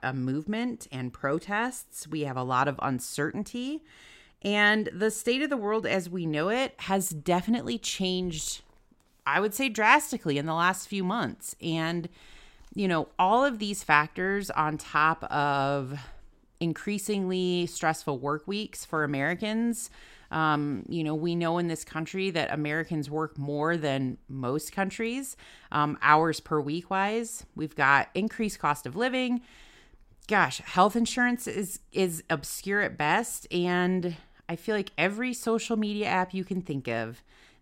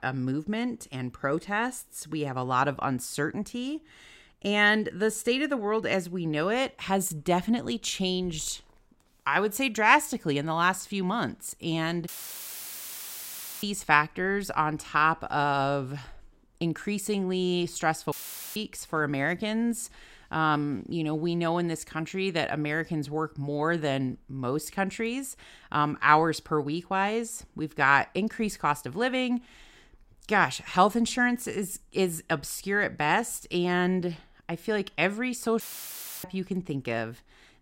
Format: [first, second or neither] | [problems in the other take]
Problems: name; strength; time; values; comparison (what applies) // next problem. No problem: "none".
first | audio cutting out; filled with static; at 12 s for 1.5 s, at 18 s and at 36 s for 0.5 s